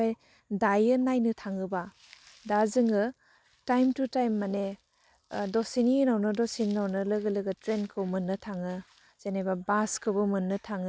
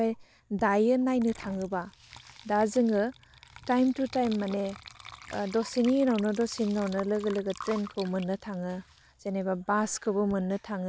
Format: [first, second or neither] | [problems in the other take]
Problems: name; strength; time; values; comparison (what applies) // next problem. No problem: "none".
first | background sound (Water / Liquid); 20 dB below the speech